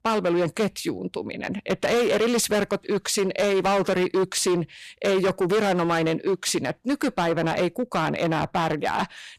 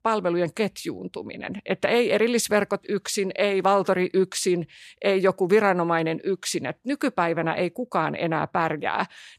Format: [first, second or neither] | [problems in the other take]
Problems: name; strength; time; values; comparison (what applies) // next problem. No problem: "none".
second | distortion; heavy; 16% of the sound clipped